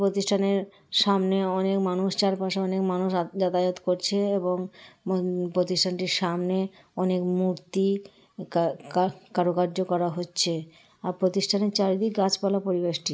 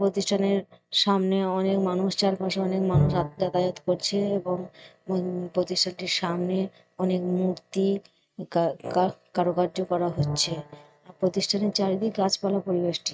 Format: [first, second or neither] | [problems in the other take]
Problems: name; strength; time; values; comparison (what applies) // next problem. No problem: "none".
first | noise reduction (neural mask model RNNoise)